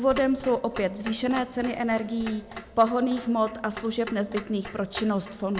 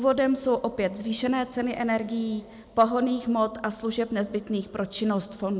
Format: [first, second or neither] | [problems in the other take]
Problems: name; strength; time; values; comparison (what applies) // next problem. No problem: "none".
second | background sound (Clock); 15 dB below the speech